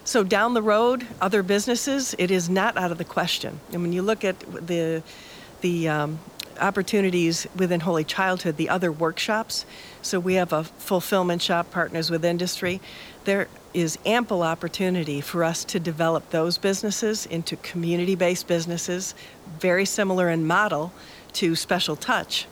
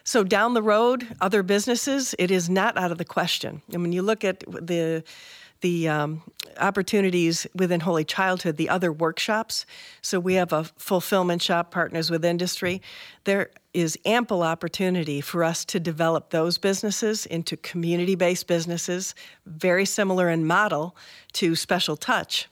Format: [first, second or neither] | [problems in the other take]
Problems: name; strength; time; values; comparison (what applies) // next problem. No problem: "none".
second | hiss; faint; throughout; 25 dB below the speech